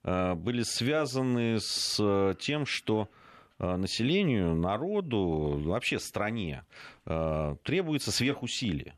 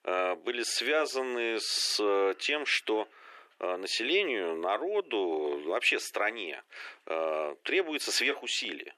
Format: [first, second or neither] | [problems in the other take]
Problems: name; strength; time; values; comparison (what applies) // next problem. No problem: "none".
first | thin; very; fading below 350 Hz